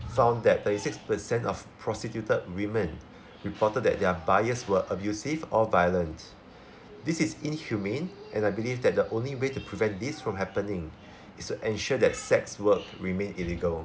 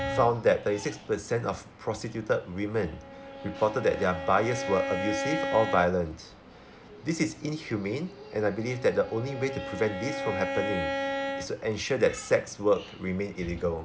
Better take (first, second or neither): first